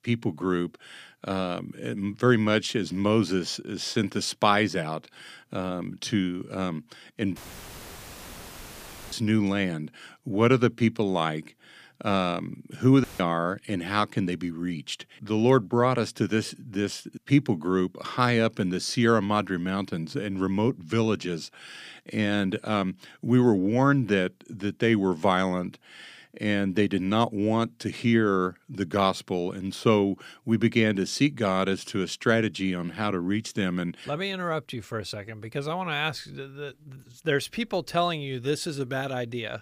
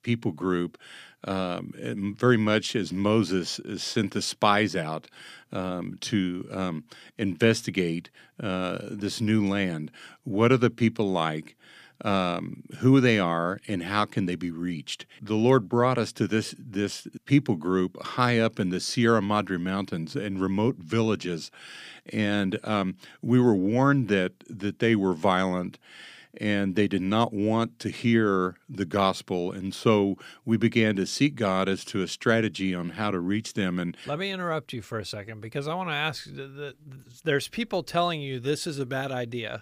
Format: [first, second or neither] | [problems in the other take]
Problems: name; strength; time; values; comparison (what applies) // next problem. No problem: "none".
second | audio cutting out; filled with static; at 7.5 s for 2 s and at 13 s